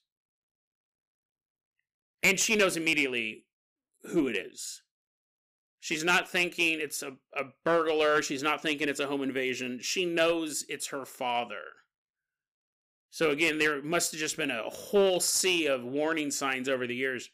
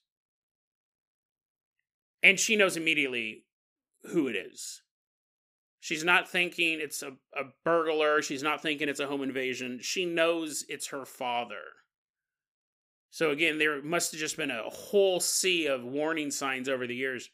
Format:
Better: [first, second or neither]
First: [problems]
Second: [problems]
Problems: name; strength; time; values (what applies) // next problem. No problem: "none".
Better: second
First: distortion; slight; 1.6% of the sound clipped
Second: none